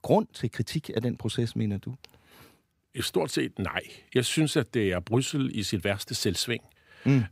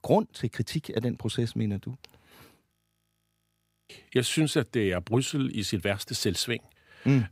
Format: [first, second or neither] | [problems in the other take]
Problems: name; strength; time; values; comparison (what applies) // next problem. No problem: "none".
first | audio freezing; at 2.5 s for 1 s